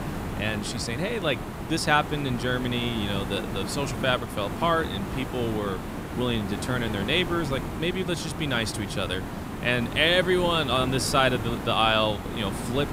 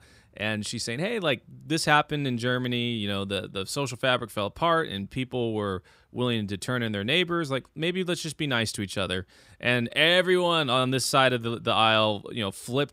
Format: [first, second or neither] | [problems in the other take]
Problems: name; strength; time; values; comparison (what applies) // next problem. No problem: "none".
second | hiss; loud; throughout; 7 dB below the speech